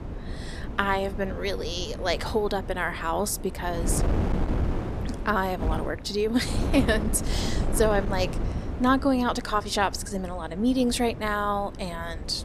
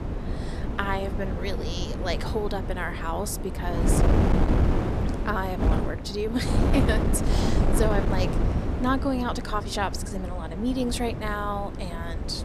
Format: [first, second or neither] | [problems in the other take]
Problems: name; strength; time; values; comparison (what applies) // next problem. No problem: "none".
first | wind noise on the microphone; heavy; 3 dB below the speech; occasional gusts in the first